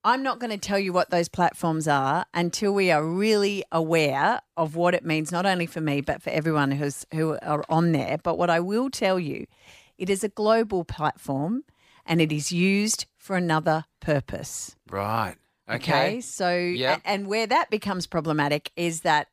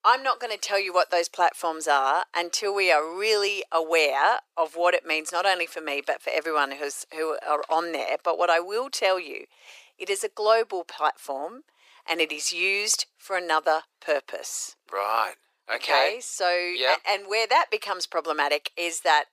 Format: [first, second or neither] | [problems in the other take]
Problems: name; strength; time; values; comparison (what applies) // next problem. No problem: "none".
first | thin; very; fading below 400 Hz